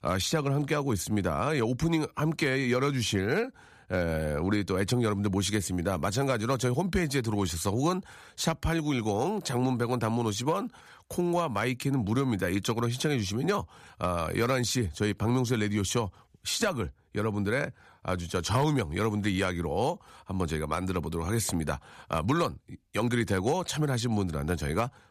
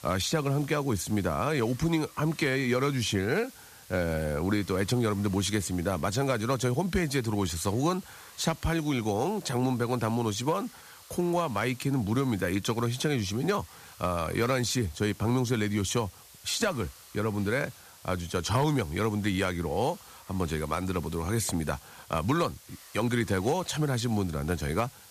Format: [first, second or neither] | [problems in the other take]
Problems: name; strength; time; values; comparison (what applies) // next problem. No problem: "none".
first | hiss; faint; throughout; 20 dB below the speech